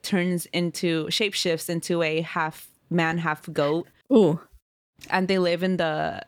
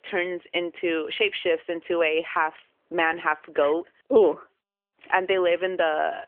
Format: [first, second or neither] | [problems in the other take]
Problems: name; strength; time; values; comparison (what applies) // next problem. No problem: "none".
first | phone-call audio; nothing above 3 kHz